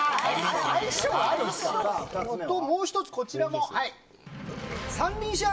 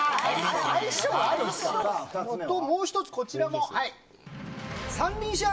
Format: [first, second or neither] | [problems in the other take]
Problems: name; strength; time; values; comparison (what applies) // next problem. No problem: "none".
second | background sound (Burping, eructation); 14 dB below the speech